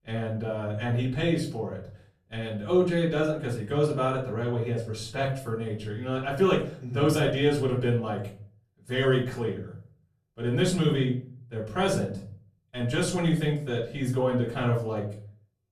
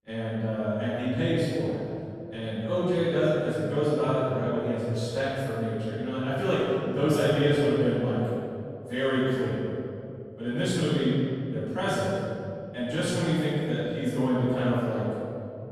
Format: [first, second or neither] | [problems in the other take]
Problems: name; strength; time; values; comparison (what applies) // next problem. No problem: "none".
first | room echo; strong; dies away in 2.5 s; slight in the first // off-mic speech; far; far in the first